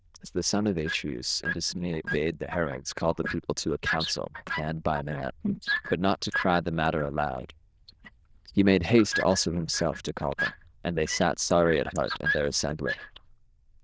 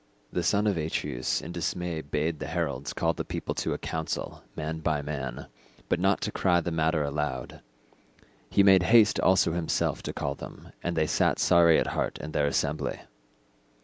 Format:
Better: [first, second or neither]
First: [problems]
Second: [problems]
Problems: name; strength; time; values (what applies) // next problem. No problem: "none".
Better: second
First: noise reduction (neural diffusion model UNIVERSE++)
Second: none